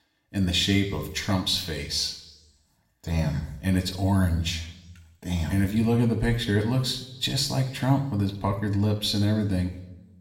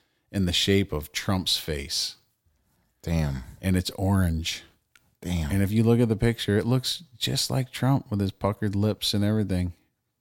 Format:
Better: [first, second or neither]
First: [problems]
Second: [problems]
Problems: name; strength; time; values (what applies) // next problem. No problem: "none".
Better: second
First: room echo; slight; dies away in 0.7 s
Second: none